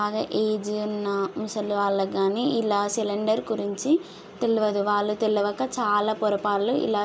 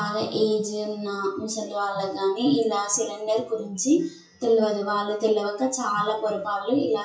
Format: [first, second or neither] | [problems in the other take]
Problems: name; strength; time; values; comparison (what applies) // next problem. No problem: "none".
first | noise reduction (classical method WPE with log-MMSE)